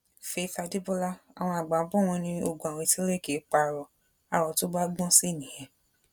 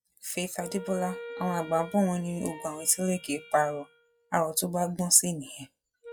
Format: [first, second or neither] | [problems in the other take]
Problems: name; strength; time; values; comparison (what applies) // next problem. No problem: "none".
first | noise reduction (classical method log-MMSE)